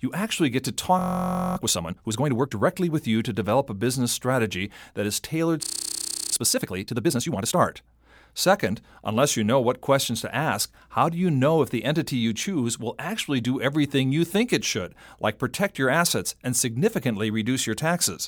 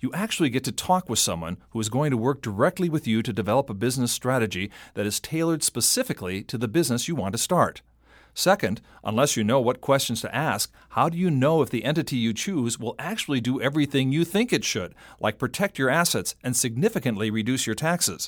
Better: second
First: audio freezing; at 1 s for 0.5 s and at 5.5 s for 0.5 s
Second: none

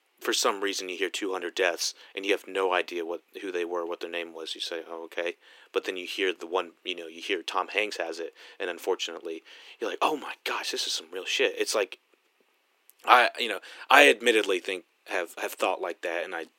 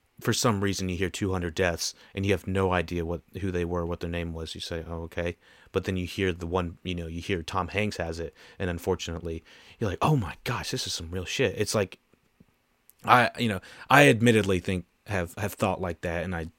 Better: second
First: thin; very; fading below 300 Hz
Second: none

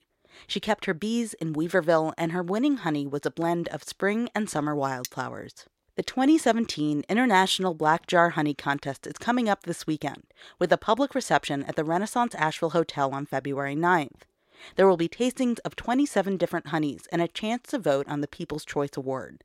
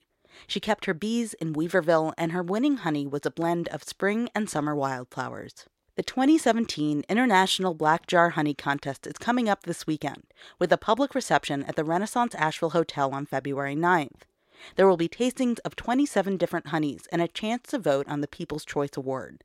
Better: second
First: clattering dishes; very faint; at 5 s; peak 15 dB below the speech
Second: none

